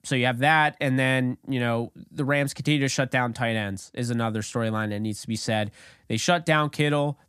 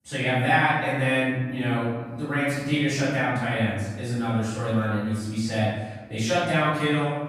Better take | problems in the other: first | off-mic speech; far // room echo; strong; dies away in 1.1 s

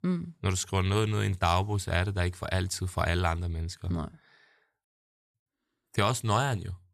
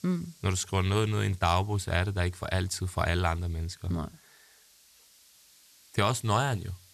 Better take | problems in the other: first | hiss; faint; throughout; 25 dB below the speech

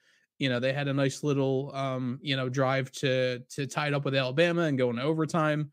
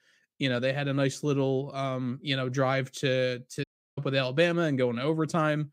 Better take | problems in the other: first | audio cutting out; at 3.5 s

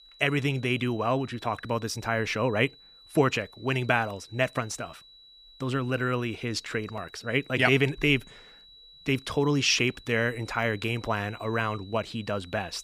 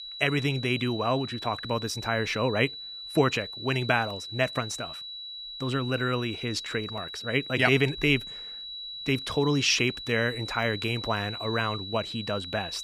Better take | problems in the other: first | high-pitched whine; loud; throughout; 4 kHz, 9 dB below the speech; faint in the first

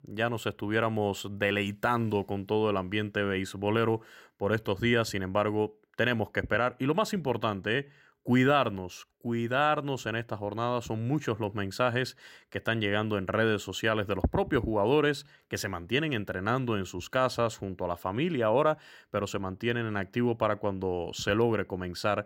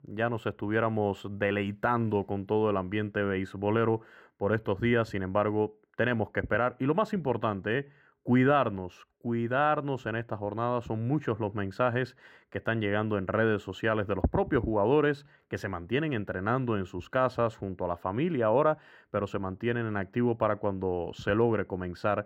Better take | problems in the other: first | muffled; slightly; fading above 3 kHz

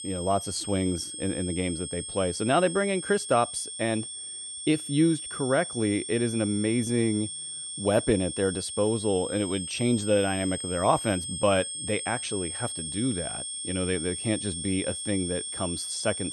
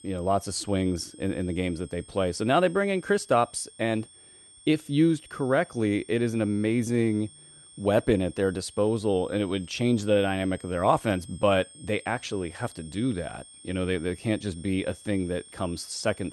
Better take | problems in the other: second | high-pitched whine; loud; throughout; 8.5 kHz, 6 dB below the speech; faint in the second

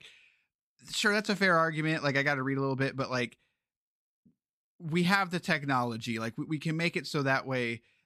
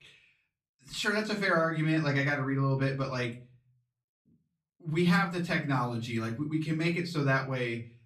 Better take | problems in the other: first | off-mic speech; far // room echo; very slight; dies away in 0.4 s

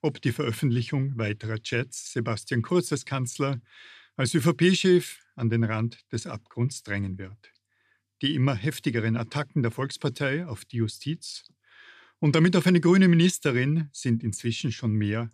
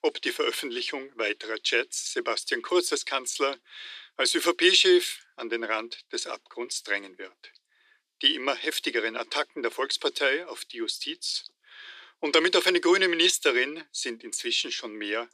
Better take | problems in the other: first | thin; very; fading below 350 Hz

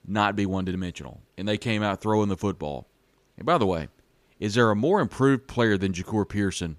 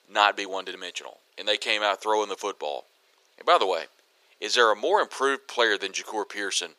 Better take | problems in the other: first | thin; very; fading below 450 Hz

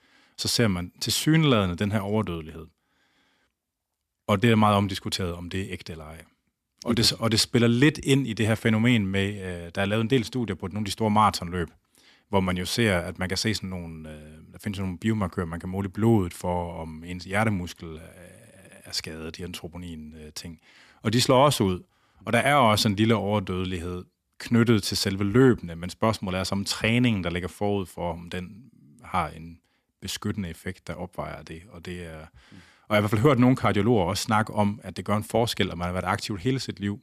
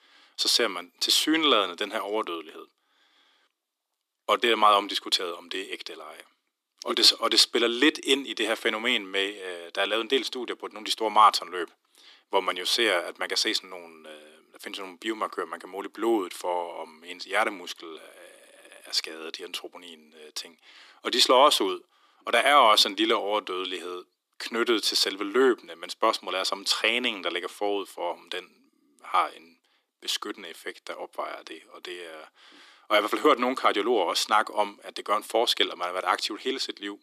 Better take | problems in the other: first | thin; very; fading below 300 Hz

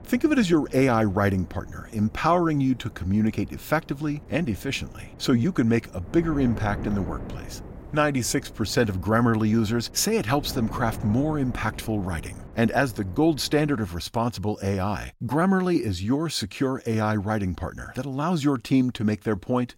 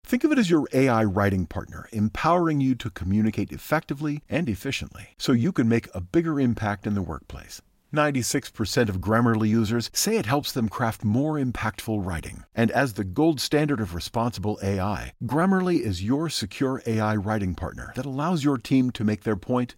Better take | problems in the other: second | wind noise on the microphone; occasional gusts; until 14 s; 20 dB below the speech

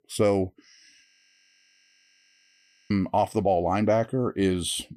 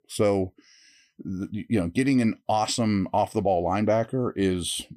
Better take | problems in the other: second | audio freezing; at 1 s for 2 s

